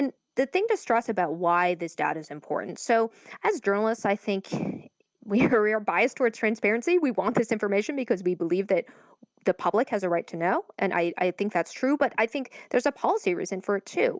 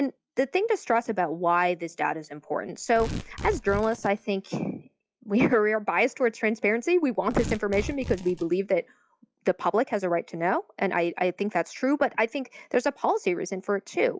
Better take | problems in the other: first | noise reduction (classical method log-MMSE)

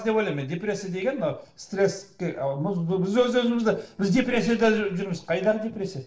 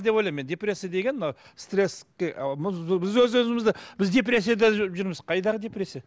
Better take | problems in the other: second | noise reduction (neural separator model SepFormer DNS4)

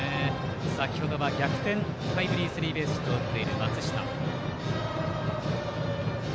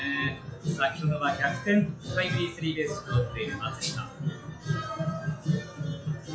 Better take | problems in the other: first | noise reduction (classical method WPE with log-MMSE)

